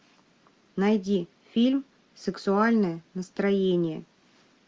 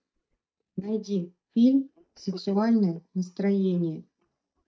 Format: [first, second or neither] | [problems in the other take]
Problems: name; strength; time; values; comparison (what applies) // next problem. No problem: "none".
first | noise reduction (neural mask model DeepFilterNet 3)